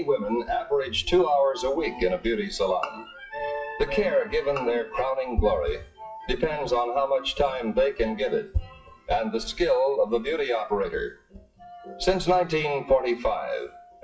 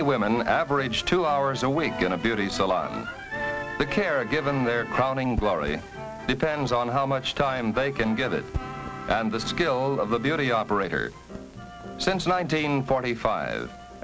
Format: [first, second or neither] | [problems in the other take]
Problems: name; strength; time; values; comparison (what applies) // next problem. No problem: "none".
second | noise reduction (classical method WPE with log-MMSE)